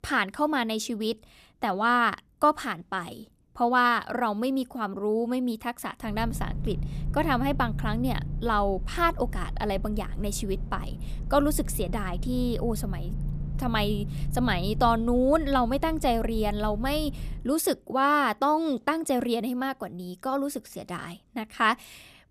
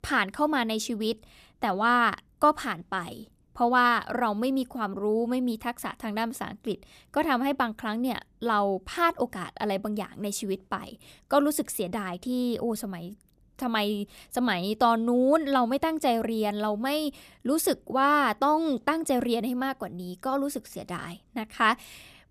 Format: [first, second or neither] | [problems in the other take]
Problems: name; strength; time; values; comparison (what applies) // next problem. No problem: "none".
second | low rumble; faint; from 6 to 17 s; 20 dB below the speech